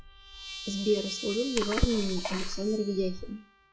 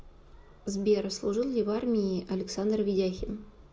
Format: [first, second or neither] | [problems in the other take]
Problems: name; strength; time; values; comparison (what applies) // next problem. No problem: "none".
second | noise reduction (classical method log-MMSE)